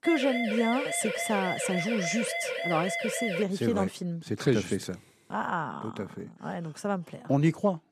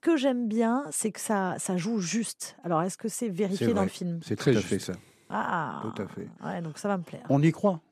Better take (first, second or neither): second